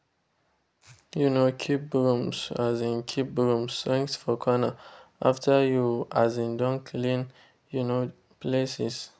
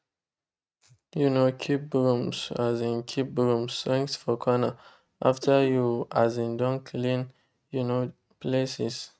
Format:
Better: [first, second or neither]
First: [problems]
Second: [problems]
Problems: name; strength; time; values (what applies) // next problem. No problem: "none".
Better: first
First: none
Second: noise reduction (neural mask model RNNoise)